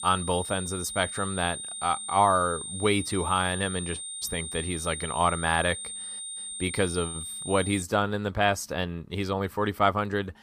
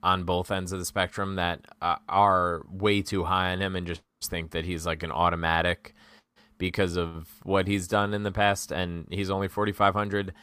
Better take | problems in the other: second | high-pitched whine; loud; until 8 s; 8.5 kHz, 6 dB below the speech

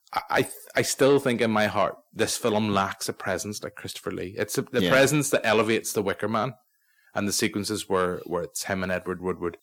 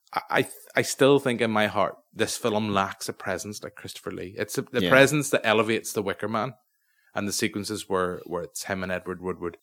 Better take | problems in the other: second | distortion; slight; 10 dB below the speech

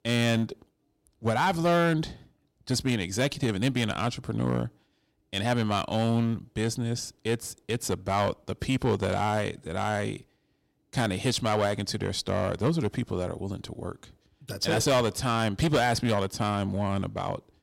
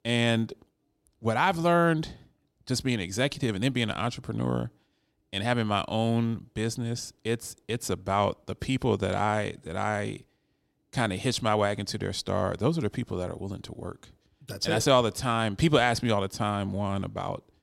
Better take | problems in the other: second | distortion; slight; 5% of the sound clipped

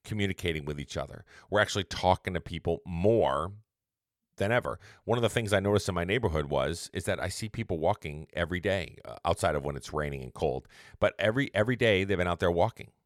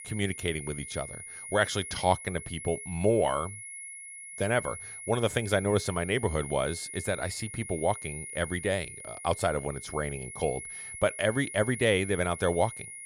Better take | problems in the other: first | high-pitched whine; loud; throughout; 10.5 kHz, 10 dB below the speech

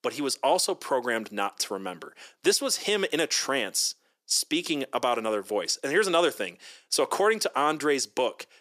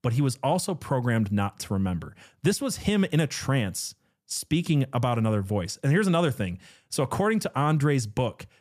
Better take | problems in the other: second | thin; very; fading below 350 Hz

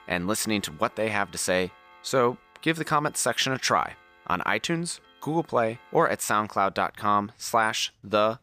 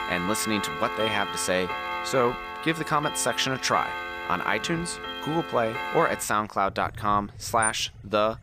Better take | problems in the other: first | household noises; loud; throughout; 6 dB below the speech; faint in the first

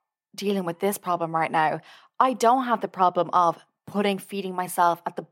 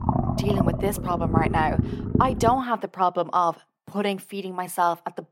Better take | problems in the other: first | low rumble; loud; until 2.5 s; 7 dB below the speech

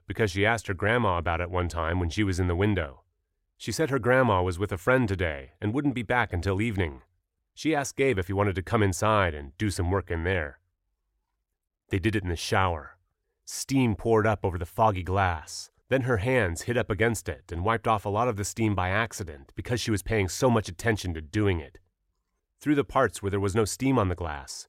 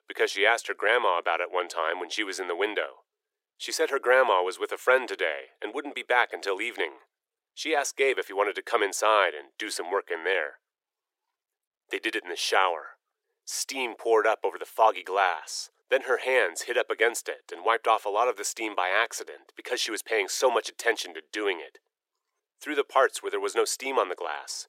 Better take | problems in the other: first | thin; very; fading below 400 Hz

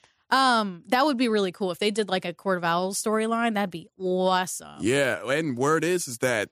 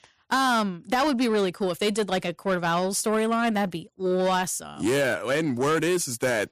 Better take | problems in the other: first | distortion; slight; 10 dB below the speech

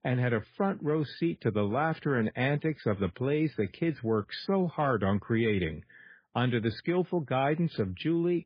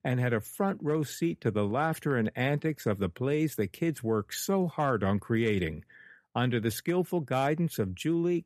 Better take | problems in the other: second | garbled, watery; badly; nothing above 4.5 kHz

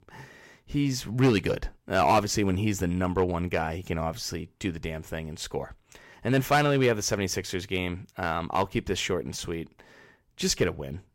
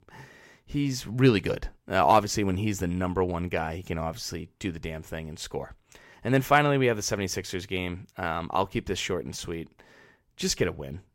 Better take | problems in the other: second | distortion; slight; 1.6% of the sound clipped

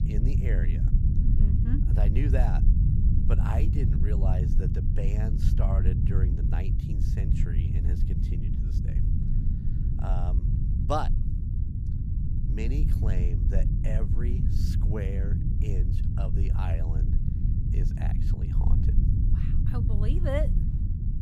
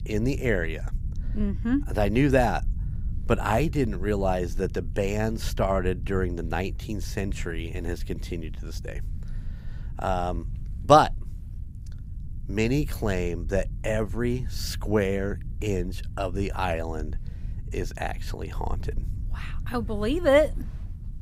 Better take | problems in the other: second | low rumble; loud; throughout; 2 dB below the speech; faint in the second

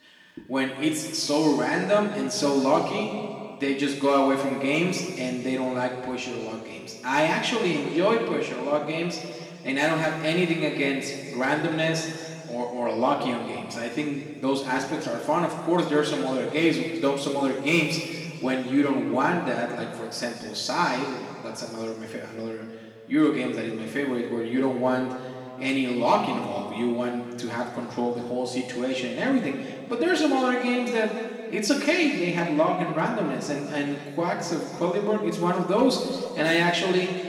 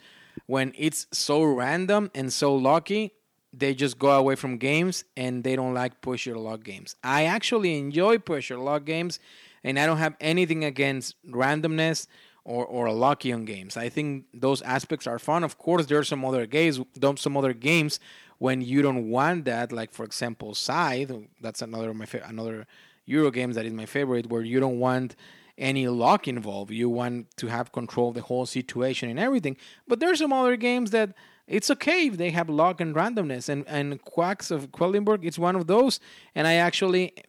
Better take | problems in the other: second | room echo; noticeable; dies away in 2 s // off-mic speech; far

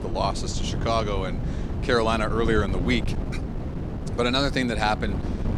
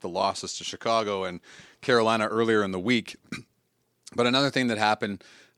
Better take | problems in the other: second | wind noise on the microphone; occasional gusts; 10 dB below the speech

